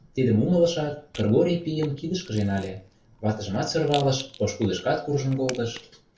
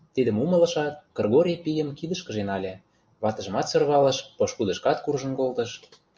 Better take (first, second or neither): second